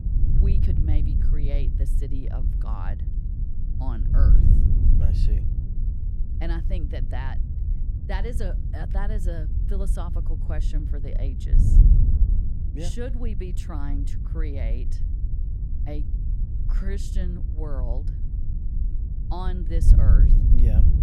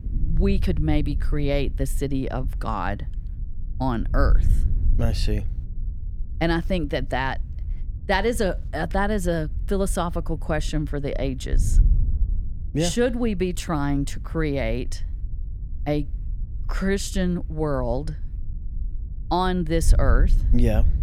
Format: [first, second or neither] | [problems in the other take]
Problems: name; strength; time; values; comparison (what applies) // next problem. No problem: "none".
second | wind noise on the microphone; heavy; 2 dB below the speech; occasional gusts in the second